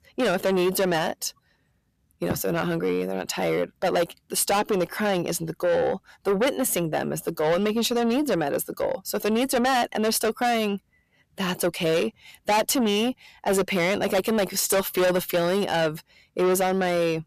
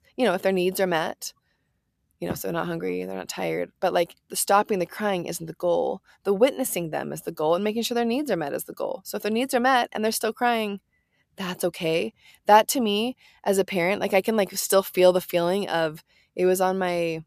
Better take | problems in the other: second | distortion; heavy; 6 dB below the speech

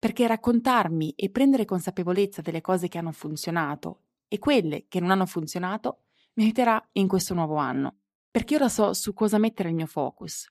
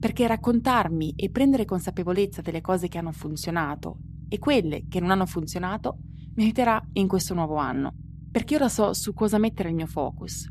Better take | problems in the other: first | low rumble; faint; throughout; 25 dB below the speech

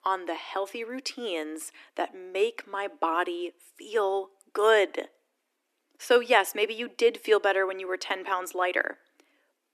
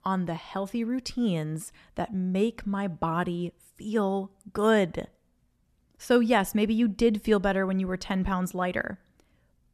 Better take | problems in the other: second | thin; very; fading below 300 Hz

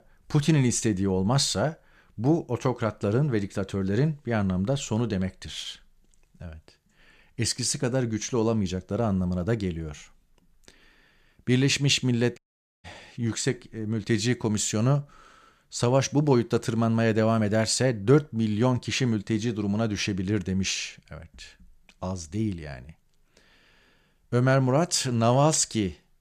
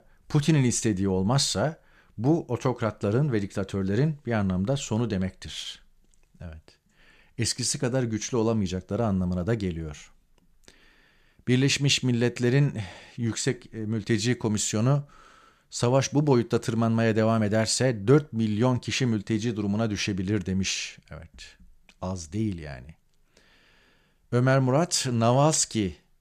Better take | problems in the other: second | audio cutting out; at 12 s

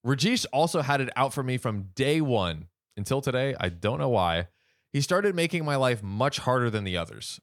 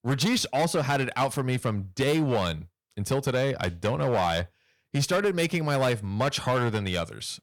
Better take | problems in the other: first | distortion; slight; 9% of the sound clipped

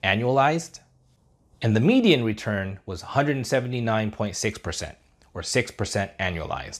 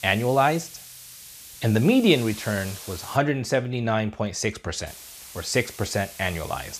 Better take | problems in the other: first | hiss; noticeable; until 3 s and from 5 s on; 15 dB below the speech

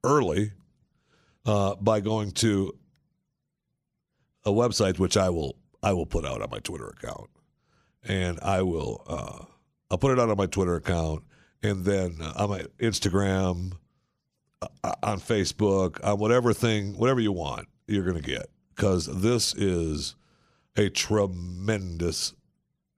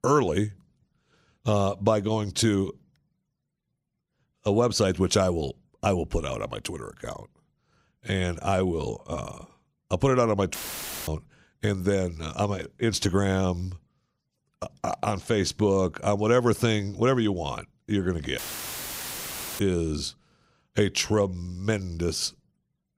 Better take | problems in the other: first | audio cutting out; filled with static; at 11 s for 0.5 s and at 18 s for 1 s

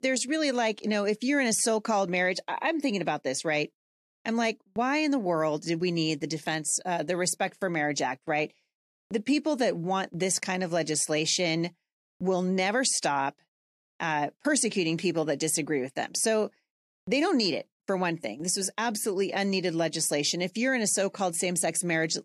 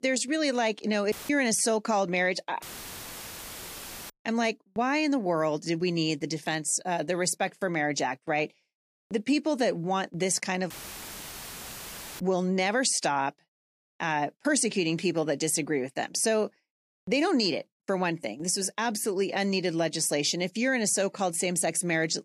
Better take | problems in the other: first | audio cutting out; filled with static; at 1 s, at 2.5 s for 1.5 s and at 11 s for 1.5 s

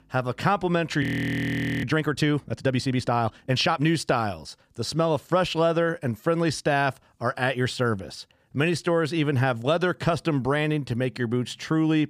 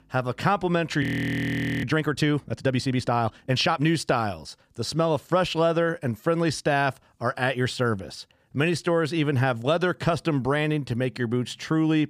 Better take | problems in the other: neither | audio freezing; at 1 s for 1 s; the same in both

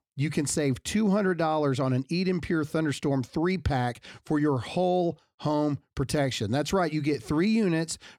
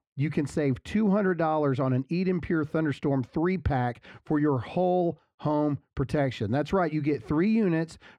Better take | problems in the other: first | muffled; slightly; fading above 3.5 kHz

